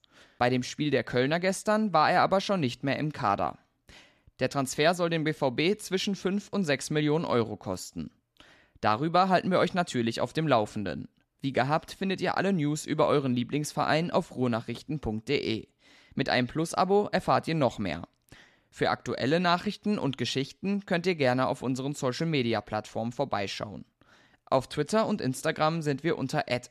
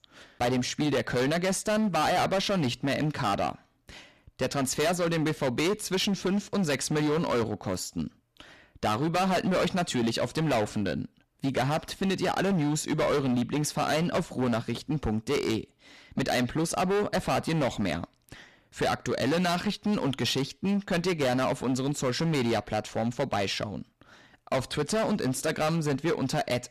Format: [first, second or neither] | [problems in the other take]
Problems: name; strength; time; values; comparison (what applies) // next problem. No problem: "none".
first | distortion; heavy; 18% of the sound clipped